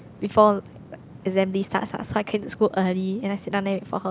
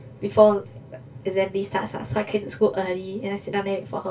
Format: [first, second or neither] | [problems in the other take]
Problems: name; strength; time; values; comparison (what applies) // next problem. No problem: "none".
first | room echo; dies away in 0.2 s